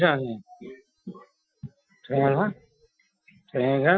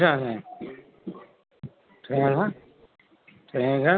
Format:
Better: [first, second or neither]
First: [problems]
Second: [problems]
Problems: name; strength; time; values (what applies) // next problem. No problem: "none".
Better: second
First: noise reduction (classical method Wiener filter)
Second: none